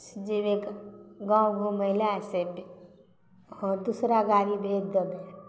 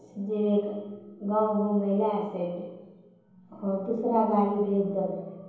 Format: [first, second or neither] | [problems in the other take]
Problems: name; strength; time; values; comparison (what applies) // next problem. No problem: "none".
first | room echo; dies away in 2.2 s